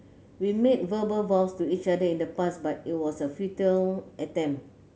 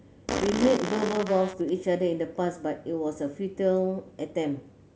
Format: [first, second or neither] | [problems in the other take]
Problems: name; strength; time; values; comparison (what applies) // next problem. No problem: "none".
first | background sound (Fart); 3 dB below the speech